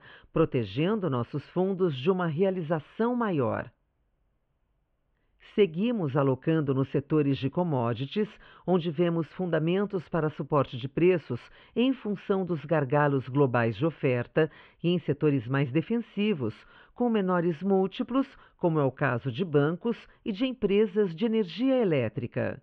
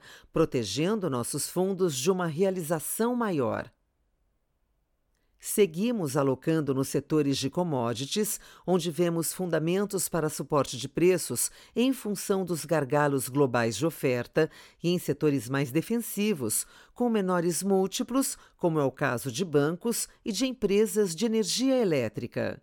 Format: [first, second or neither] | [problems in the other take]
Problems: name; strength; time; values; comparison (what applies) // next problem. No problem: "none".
second | muffled; very; fading above 3 kHz